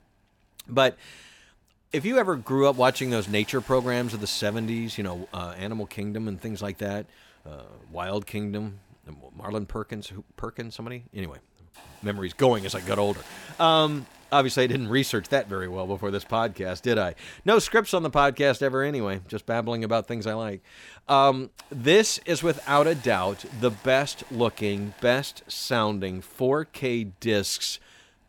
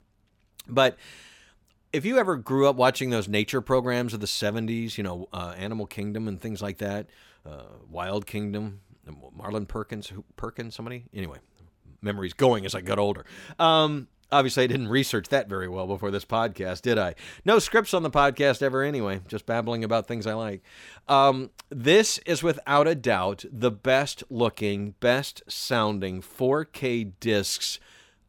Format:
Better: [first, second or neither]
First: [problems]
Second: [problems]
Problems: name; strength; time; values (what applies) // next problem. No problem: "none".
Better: second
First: hiss; faint; throughout; 25 dB below the speech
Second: none